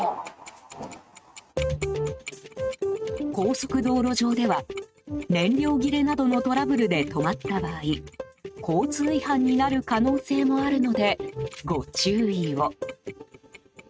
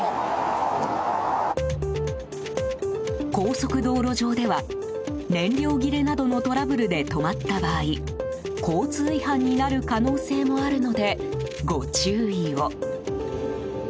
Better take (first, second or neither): second